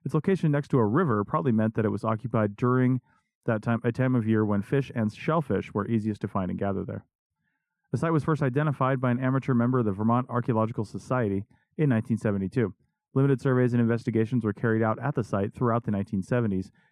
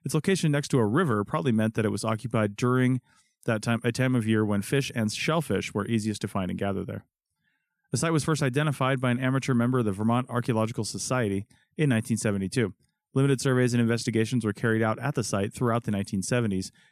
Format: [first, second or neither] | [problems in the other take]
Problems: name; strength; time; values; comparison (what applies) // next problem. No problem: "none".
second | muffled; very; fading above 2.5 kHz